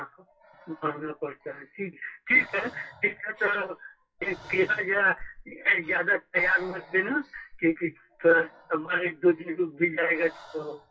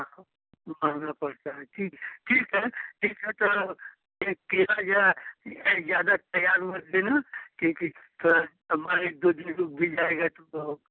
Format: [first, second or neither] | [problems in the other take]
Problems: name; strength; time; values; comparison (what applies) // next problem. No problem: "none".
second | noise reduction (classical method WPE with log-MMSE)